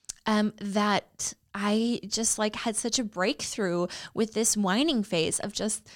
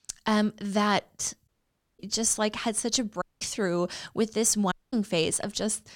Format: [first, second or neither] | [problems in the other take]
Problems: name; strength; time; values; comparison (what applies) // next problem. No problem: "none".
first | audio cutting out; at 1.5 s for 0.5 s, at 3 s and at 4.5 s